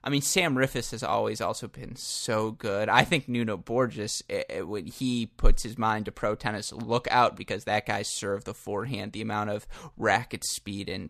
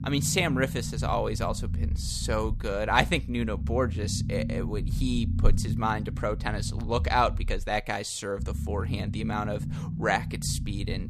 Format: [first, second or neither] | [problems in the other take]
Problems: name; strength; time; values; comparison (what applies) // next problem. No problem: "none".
first | low rumble; noticeable; throughout; 15 dB below the speech